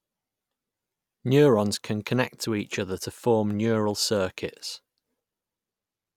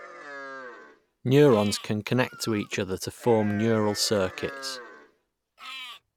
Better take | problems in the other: first | background sound (Livestock, farm animals, working animals); 16 dB below the speech

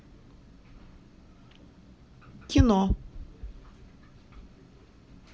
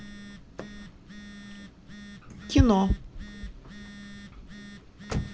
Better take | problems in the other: first | background sound (Telephone + Slam / Car); 11 dB below the speech

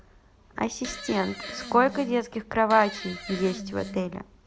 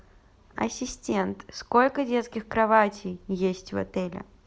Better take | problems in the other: second | background sound (Fart); 11 dB below the speech

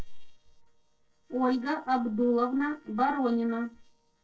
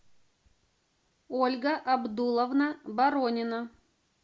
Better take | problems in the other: second | noise reduction (neural separator model SepFormer DNS4)

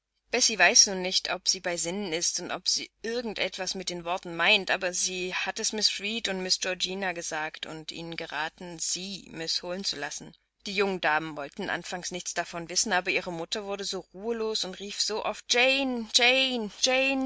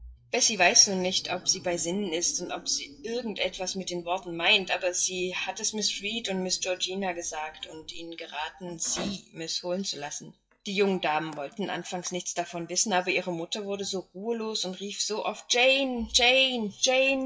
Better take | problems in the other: first | noise reduction (classical method WPE with log-MMSE)

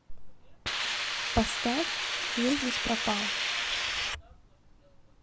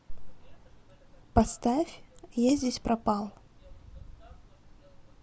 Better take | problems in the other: second | background sound (Hiss); 3 dB above the speech

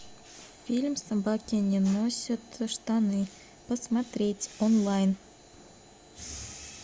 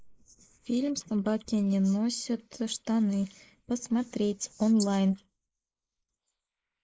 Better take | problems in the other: first | noise reduction (neural mask model Resemble Enhance denoiser)

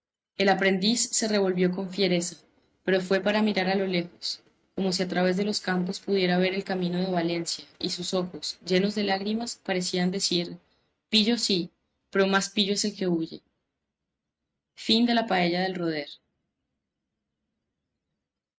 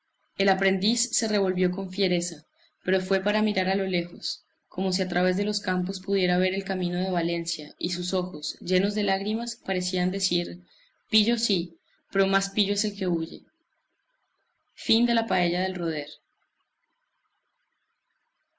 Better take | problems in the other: second | noise reduction (neural mask model RNNoise)

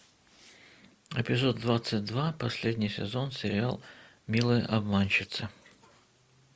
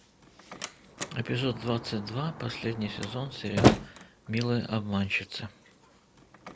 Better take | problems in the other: first | background sound (Slam); as loud as the speech

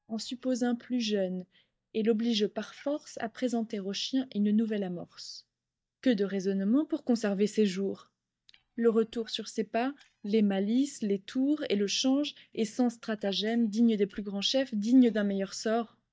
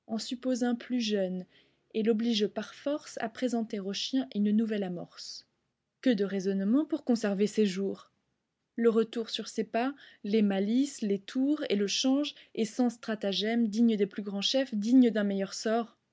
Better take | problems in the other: second | noise reduction (neural mask model DeepFilterNet 3)

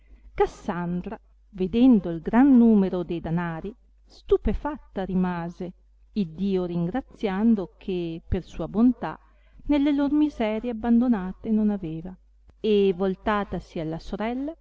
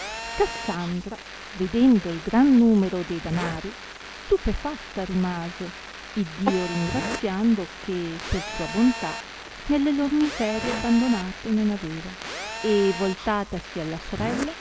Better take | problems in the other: first | background sound (Telephone + Zipper (clothing)); 10 dB below the speech

